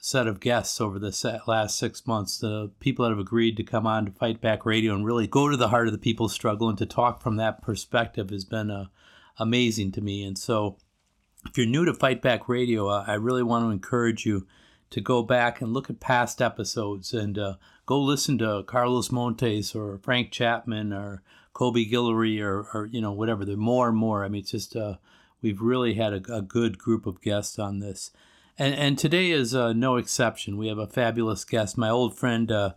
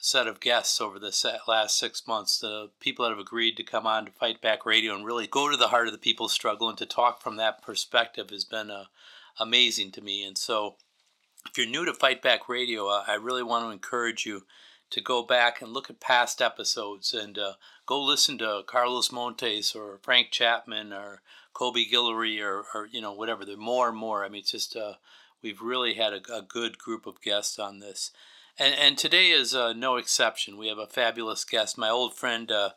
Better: first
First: none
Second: thin; very; fading below 550 Hz

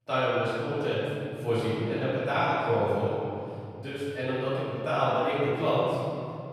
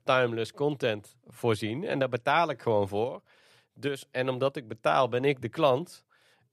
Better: second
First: room echo; strong; dies away in 3 s // off-mic speech; far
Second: none

